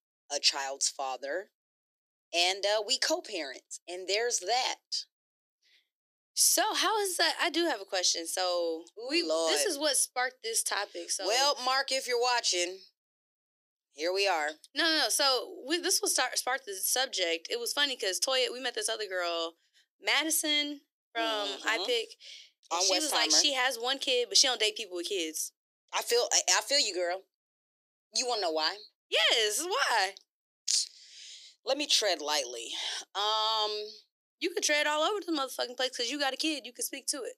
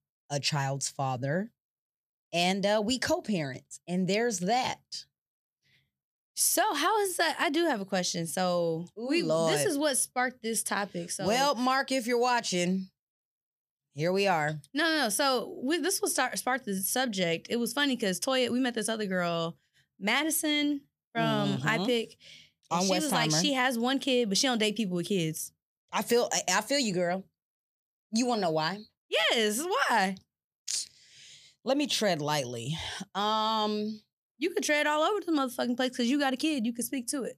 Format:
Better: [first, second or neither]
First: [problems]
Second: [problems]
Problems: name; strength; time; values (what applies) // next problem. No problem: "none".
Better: second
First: thin; very; fading below 300 Hz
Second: none